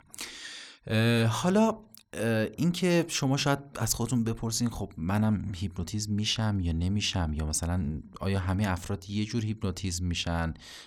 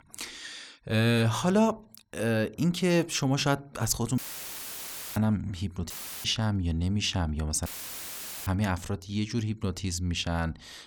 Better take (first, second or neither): first